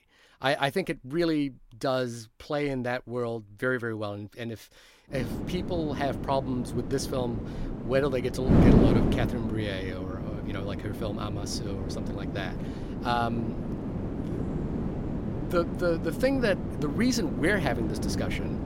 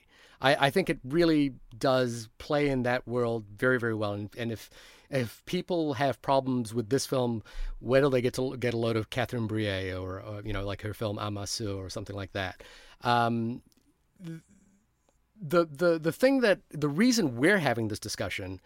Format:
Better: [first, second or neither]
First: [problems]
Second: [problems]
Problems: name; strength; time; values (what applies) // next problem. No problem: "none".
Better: second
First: wind noise on the microphone; heavy; from 5 s on; 5 dB below the speech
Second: none